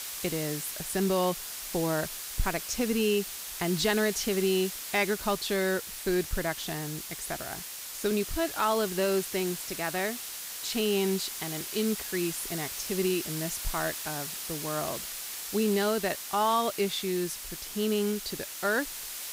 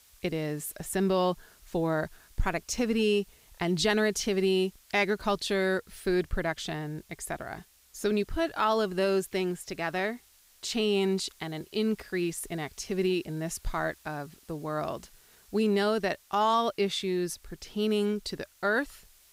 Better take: second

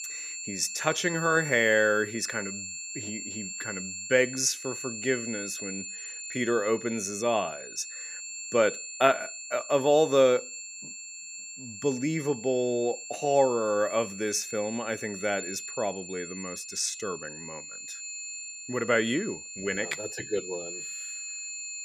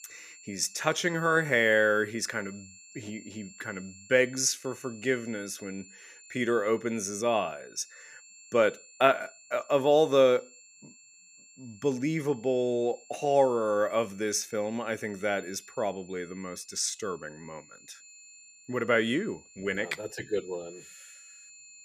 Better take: second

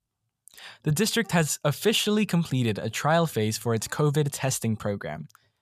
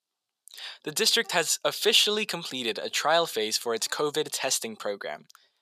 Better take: first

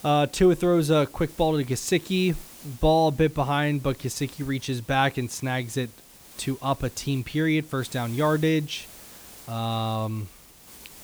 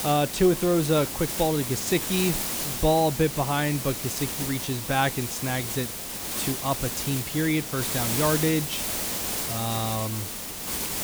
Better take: first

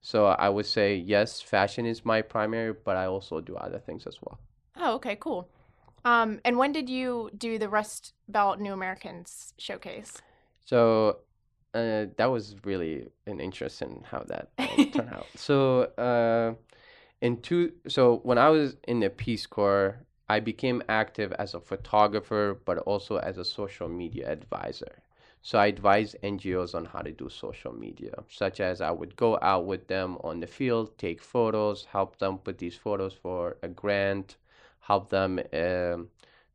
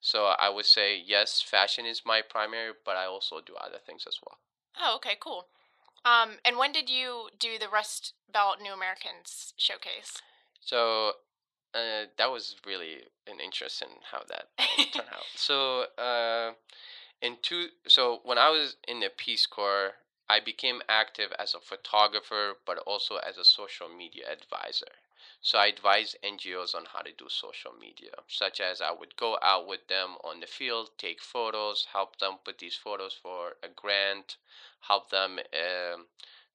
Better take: first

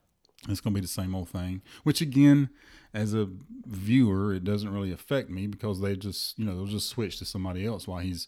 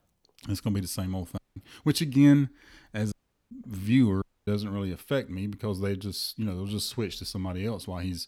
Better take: first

